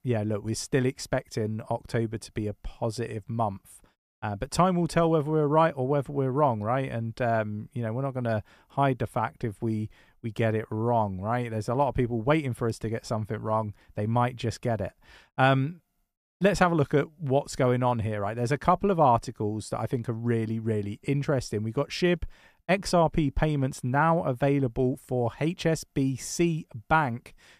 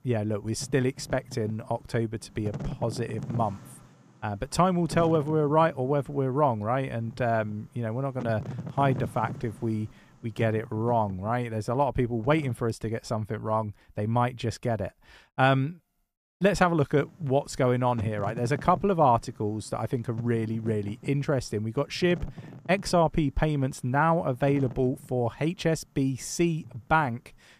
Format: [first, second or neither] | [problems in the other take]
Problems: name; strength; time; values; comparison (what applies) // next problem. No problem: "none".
first | wind noise on the microphone; occasional gusts; until 13 s and from 17 s on; 20 dB below the speech